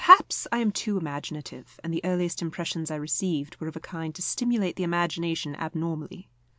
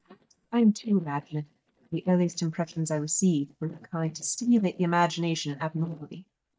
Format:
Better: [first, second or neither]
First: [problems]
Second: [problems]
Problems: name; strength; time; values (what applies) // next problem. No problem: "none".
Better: first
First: none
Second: noise reduction (neural mask model DeepFilterNet 3)